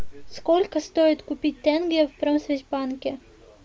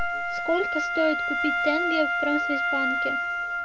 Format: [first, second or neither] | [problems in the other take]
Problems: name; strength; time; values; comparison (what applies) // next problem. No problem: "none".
first | background sound (Wind instrument, woodwind instrument); 3 dB above the speech